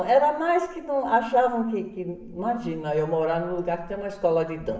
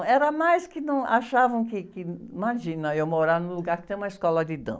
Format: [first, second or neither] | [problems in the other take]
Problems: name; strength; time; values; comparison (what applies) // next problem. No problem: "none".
second | room echo; dies away in 0.8 s